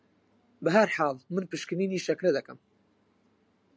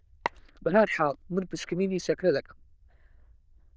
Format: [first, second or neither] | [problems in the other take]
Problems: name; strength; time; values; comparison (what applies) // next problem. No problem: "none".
first | noise reduction (neural diffusion model UNIVERSE++)